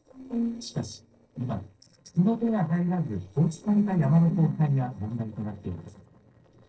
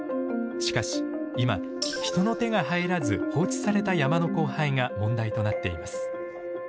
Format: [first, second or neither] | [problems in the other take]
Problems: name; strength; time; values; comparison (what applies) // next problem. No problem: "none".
second | noise reduction (neural separator model SepFormer DNS4)